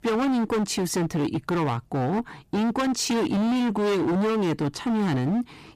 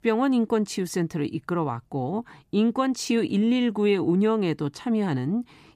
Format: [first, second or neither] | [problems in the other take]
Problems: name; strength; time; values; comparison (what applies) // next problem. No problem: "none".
second | distortion; heavy; 33% of the sound clipped